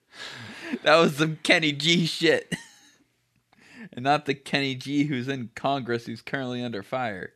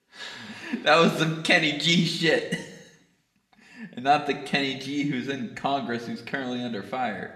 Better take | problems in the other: first | room echo; very slight; dies away in 0.8 s

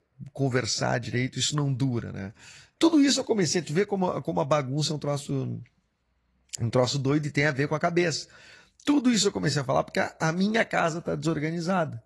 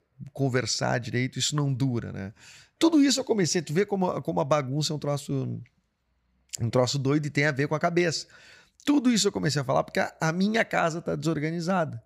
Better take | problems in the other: second | garbled, watery; slightly; nothing above 11 kHz

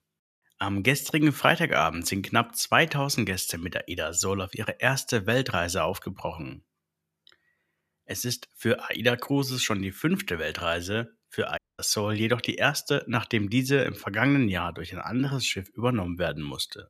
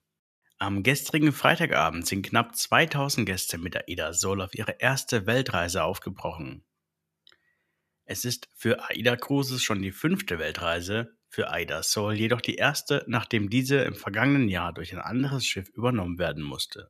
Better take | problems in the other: second | audio cutting out; at 12 s

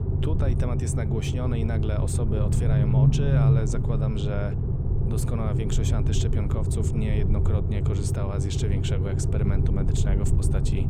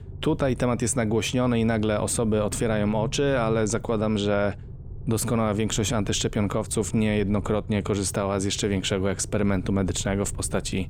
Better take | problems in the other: second | low rumble; loud; throughout; as loud as the speech; faint in the second

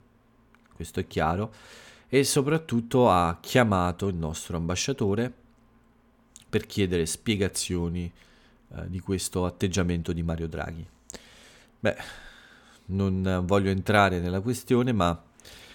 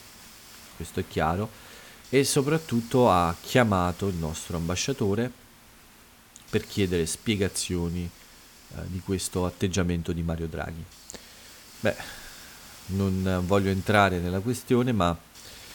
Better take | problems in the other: first | hiss; faint; throughout; 20 dB below the speech

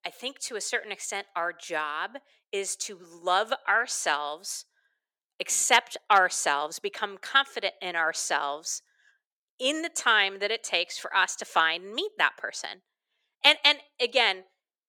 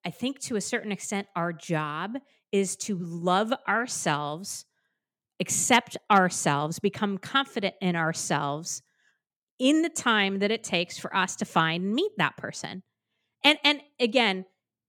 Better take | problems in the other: second | thin; very; fading below 450 Hz

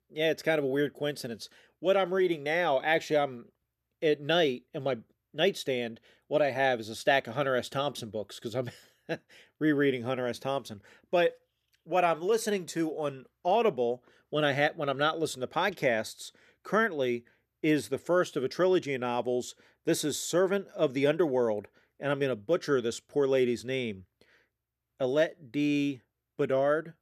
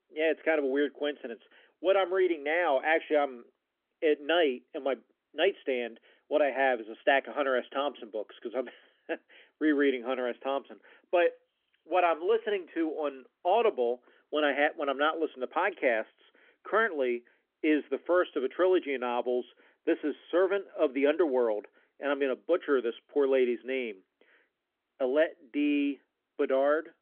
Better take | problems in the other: first | phone-call audio; nothing above 3.5 kHz

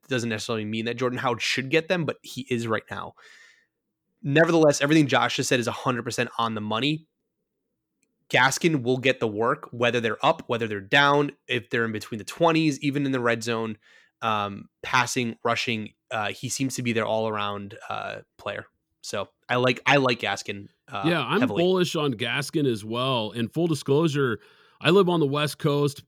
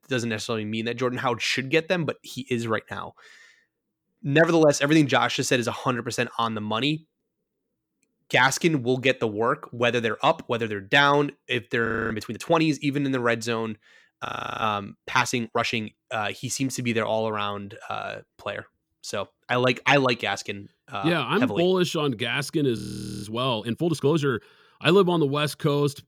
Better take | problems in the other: first | audio freezing; at 12 s, at 14 s and at 23 s

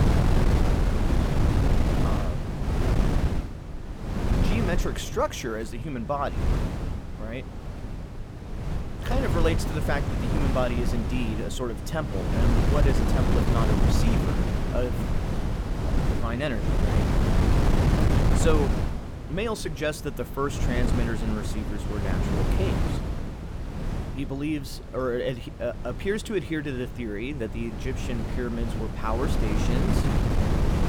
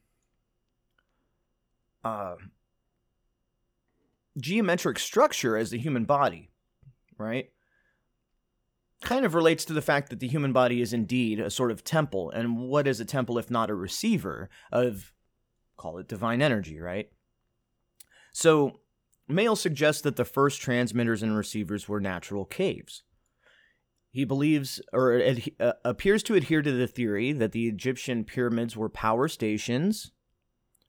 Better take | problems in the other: second | wind noise on the microphone; heavy; 1 dB below the speech

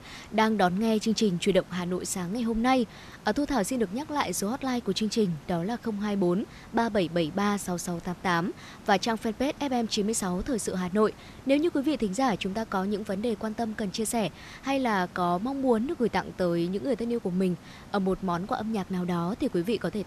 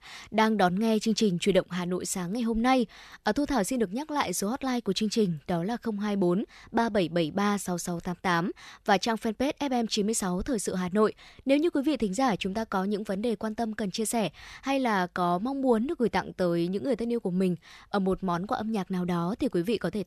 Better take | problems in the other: second | hiss; faint; throughout; 20 dB below the speech

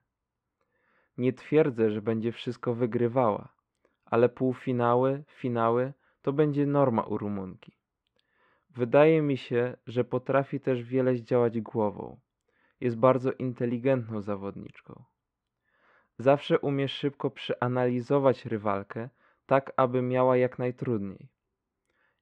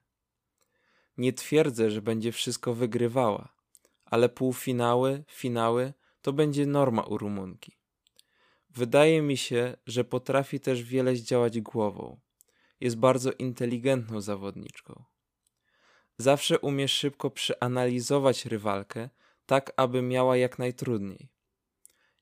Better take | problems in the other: second | muffled; very; fading above 1.5 kHz

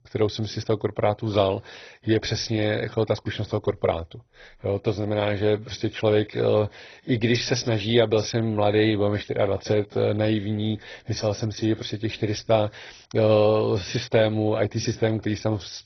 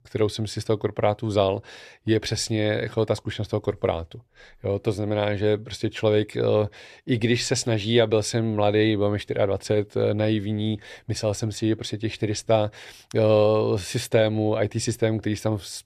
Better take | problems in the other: second | garbled, watery; badly; nothing above 6 kHz

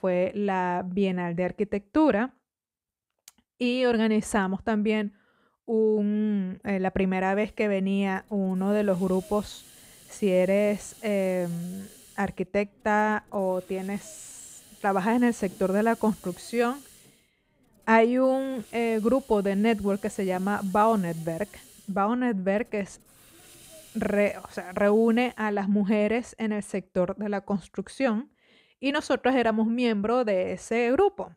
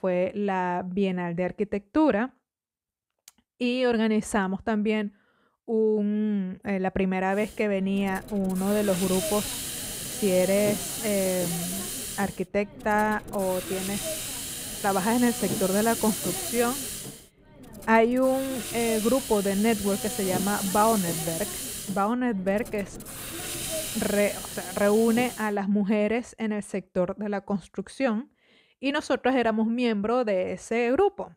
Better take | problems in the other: first | hiss; loud; from 7.5 to 25 s; 5 dB below the speech; faint in the first

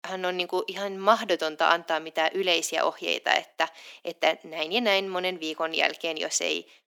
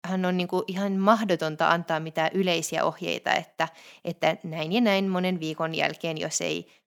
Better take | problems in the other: second | thin; somewhat; fading below 300 Hz

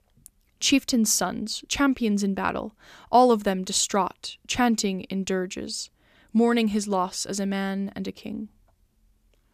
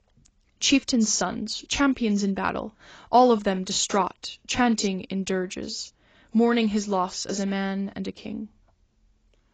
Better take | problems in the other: first | garbled, watery; badly; nothing above 7.5 kHz

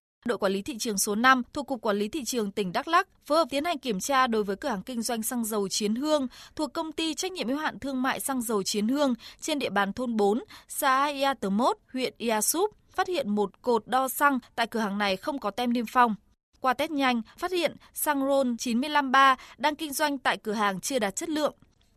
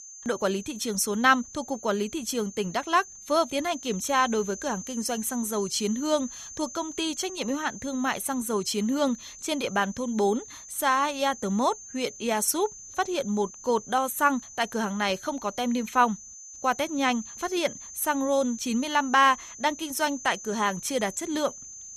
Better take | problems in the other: first | high-pitched whine; noticeable; throughout; 6.5 kHz, 15 dB below the speech

